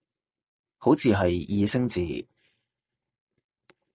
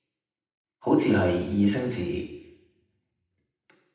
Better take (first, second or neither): first